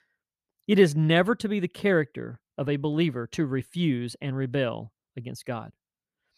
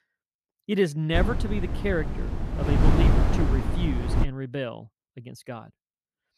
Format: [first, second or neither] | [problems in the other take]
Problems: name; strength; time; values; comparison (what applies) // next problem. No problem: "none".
first | wind noise on the microphone; heavy; from 1 to 4 s; 2 dB below the speech